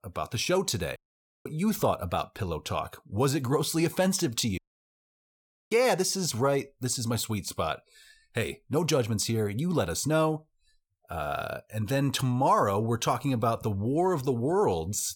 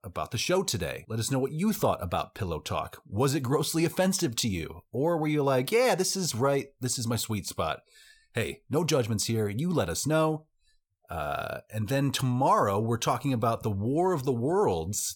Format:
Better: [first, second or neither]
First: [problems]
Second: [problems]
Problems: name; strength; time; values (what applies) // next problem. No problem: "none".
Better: second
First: audio cutting out; at 1 s and at 4.5 s for 1 s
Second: none